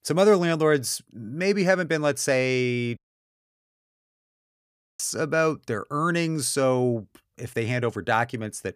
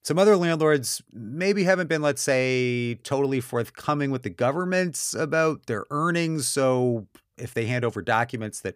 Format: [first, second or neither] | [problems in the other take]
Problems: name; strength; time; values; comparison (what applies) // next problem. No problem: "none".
second | audio cutting out; at 3 s for 2 s